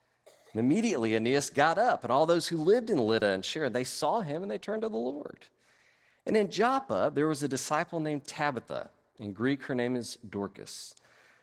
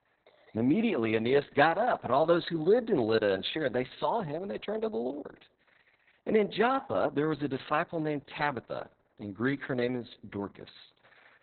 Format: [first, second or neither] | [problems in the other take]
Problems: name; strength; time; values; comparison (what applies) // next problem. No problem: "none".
first | garbled, watery; badly; nothing above 4 kHz; slightly in the first